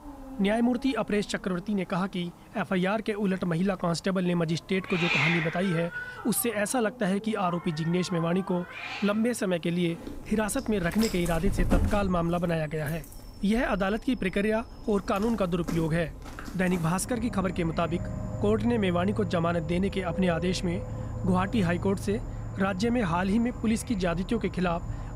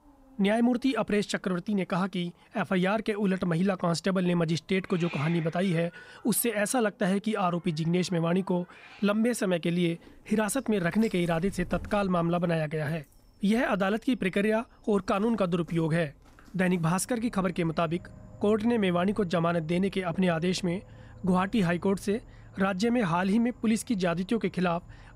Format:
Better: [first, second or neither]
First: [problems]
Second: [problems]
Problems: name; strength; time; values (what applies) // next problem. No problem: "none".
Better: second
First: animal sounds; loud; throughout; 8 dB below the speech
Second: animal sounds; faint; throughout; 20 dB below the speech